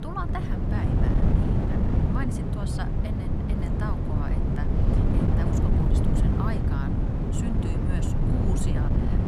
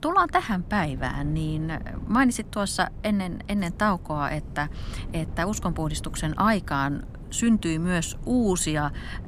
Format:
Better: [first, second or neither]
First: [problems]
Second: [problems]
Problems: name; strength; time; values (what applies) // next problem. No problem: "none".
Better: second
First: wind noise on the microphone; heavy; 5 dB above the speech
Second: wind noise on the microphone; occasional gusts; 20 dB below the speech